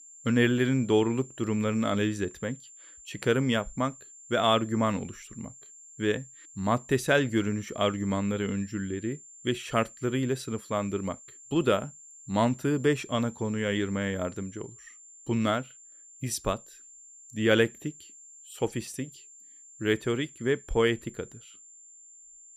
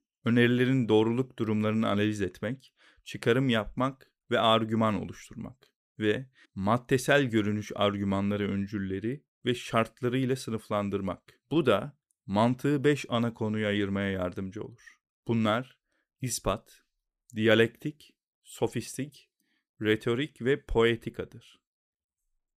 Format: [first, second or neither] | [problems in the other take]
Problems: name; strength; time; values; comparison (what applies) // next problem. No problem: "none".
second | high-pitched whine; noticeable; throughout; 7.5 kHz, 20 dB below the speech